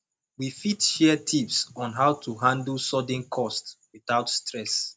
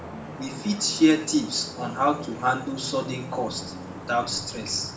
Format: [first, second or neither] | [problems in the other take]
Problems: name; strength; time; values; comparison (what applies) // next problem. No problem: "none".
first | background sound (Traffic noise, roadway noise / Vehicle horn, car horn, honking); 11 dB below the speech // room echo; dies away in 0.5 s